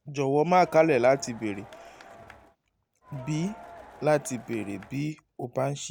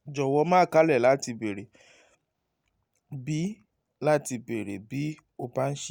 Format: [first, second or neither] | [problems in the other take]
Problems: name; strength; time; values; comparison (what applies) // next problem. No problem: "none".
second | background sound (Crowd); 19 dB below the speech